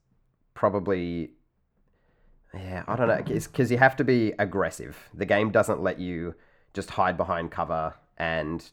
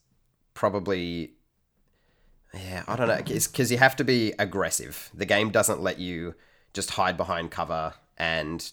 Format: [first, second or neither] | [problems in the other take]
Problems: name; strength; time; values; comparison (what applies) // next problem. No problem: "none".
second | muffled; slightly; fading above 3 kHz